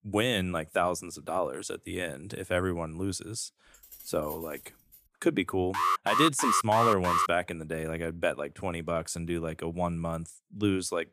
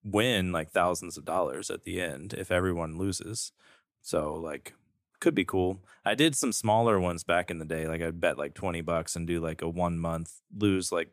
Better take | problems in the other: second | jangling keys; faint; from 3.5 to 5 s; peak 15 dB below the speech // alarm; loud; from 5.5 to 7.5 s; peak 4 dB above the speech

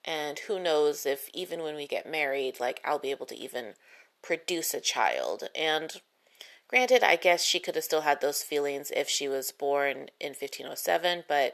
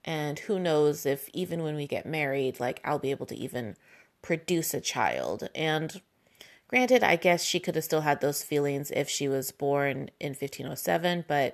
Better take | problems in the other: second | thin; somewhat; fading below 500 Hz

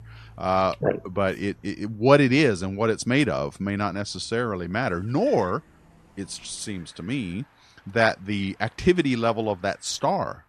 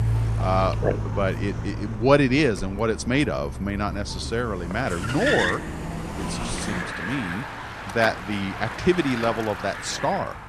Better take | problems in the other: first | traffic noise; loud; throughout; 5 dB below the speech; faint in the first

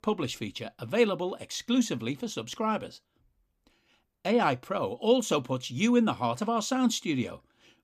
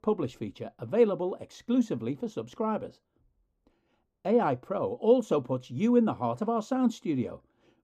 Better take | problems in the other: first | muffled; slightly; fading above 1.5 kHz

